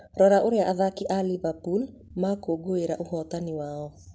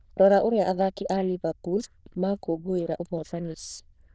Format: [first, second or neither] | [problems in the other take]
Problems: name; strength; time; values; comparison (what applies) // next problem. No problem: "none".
first | noise reduction (neural diffusion model UNIVERSE++)